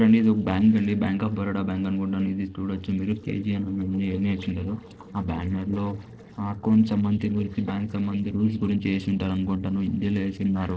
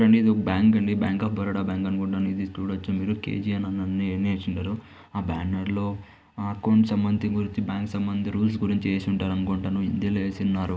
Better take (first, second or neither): second